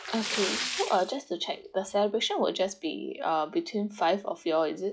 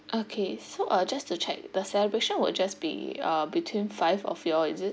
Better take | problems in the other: second | noise reduction (classical method log-MMSE)

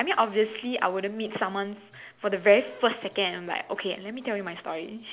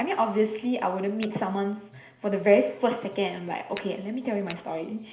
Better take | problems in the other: first | background sound (Tap / Glass); 20 dB below the speech // room echo; dies away in 0.5 s

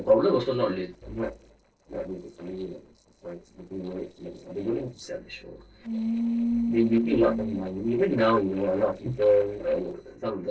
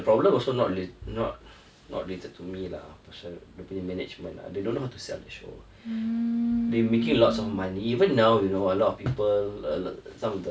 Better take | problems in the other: second | noise reduction (neural separator model SepFormer DNS4)

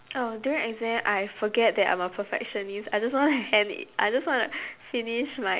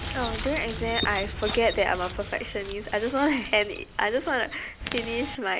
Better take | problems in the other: first | background sound (Chirp, tweet); 8 dB below the speech

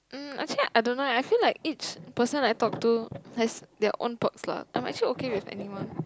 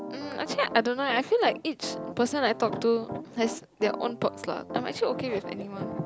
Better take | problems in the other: first | background sound (Piano); 11 dB below the speech

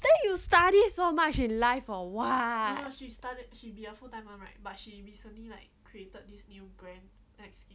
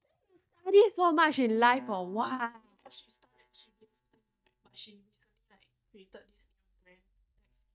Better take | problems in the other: first | noise reduction (neural mask model DeepFilterNet 3)

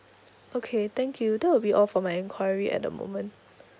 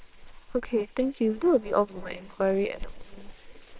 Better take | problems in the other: first | noise reduction (neural separator model SepFormer WHAMR!)

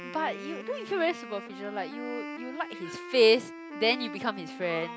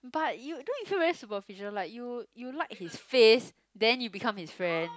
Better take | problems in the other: second | background sound (Wind instrument, woodwind instrument); 11 dB below the speech

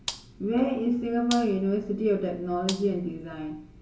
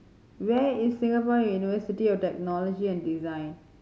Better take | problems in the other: second | background sound (Gunshot, gunfire); 14 dB below the speech // room echo; dies away in 0.3 s

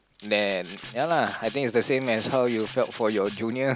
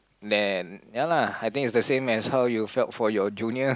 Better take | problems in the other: second | background sound (Rattle (instrument)); 19 dB below the speech

